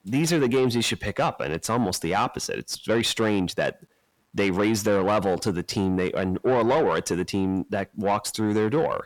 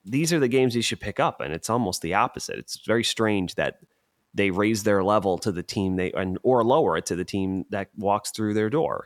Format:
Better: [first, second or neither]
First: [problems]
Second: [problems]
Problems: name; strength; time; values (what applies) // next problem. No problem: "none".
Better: second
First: distortion; slight; 10 dB below the speech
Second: none